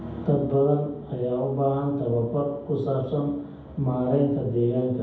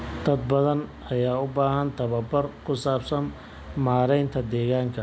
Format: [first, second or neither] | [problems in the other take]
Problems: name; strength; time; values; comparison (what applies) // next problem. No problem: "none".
second | room echo; dies away in 0.9 s